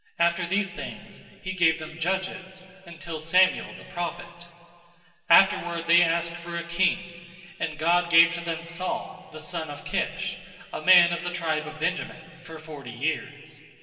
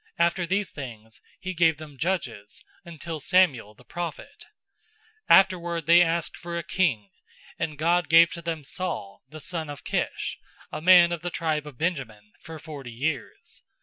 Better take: second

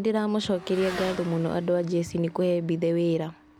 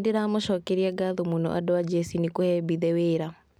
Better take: second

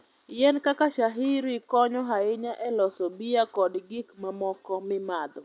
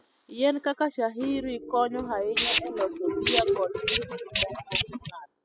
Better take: first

